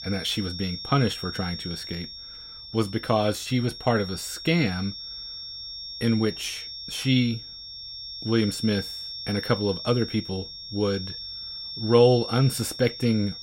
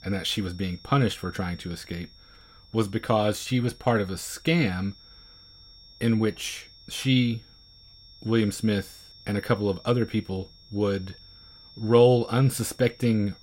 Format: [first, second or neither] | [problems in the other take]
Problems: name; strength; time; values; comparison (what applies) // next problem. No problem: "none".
second | high-pitched whine; loud; throughout; 5.5 kHz, 9 dB below the speech; faint in the second